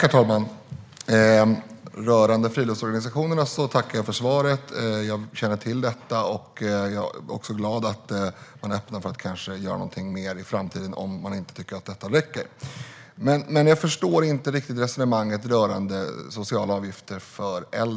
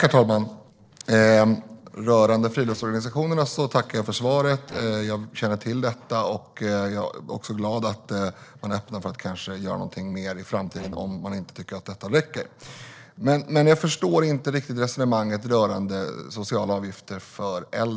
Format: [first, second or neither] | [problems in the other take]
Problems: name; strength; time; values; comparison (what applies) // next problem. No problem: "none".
first | noise reduction (neural separator model SepFormer DNS4)